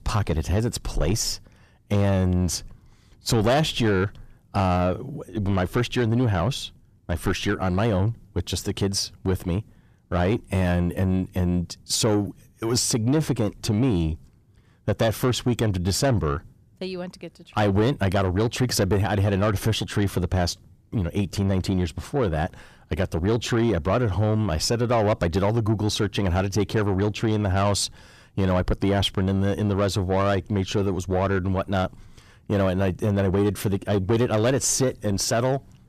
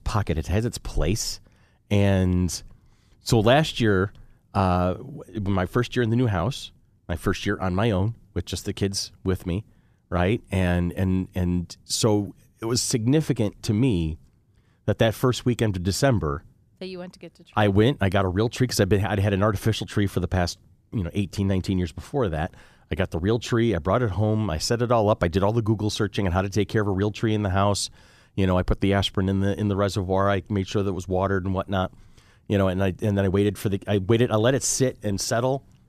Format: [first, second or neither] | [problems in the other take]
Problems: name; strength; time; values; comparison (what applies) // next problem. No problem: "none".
second | distortion; slight; 10 dB below the speech